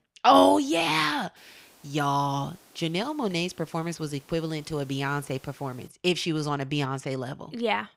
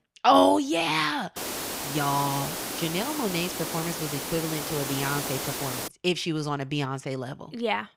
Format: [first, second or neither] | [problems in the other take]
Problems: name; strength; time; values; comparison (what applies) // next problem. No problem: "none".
first | hiss; loud; from 1.5 to 6 s; 4 dB below the speech; faint in the first